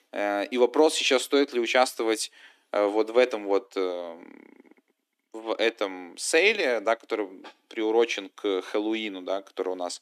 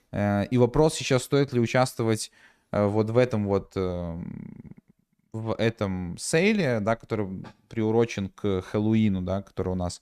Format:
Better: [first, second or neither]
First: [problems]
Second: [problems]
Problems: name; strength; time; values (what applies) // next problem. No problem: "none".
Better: second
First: thin; somewhat; fading below 300 Hz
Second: none